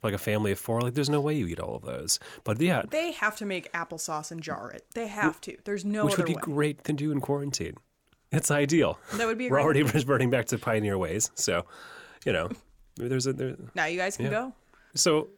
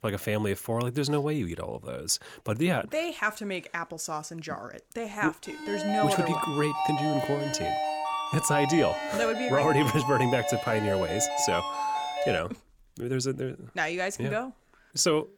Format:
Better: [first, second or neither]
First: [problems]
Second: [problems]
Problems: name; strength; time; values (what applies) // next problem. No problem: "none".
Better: first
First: none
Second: phone ringing; loud; from 5.5 to 12 s; peak level with the speech